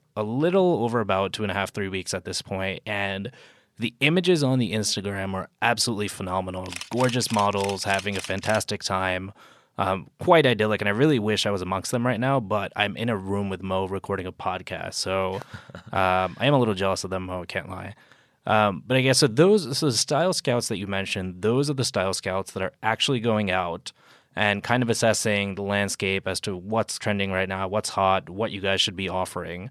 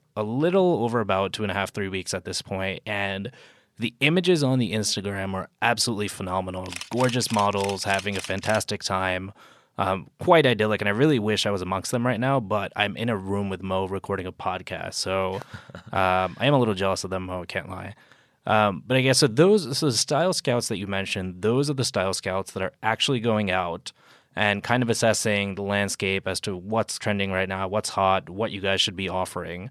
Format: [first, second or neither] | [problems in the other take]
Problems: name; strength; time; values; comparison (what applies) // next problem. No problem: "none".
neither | none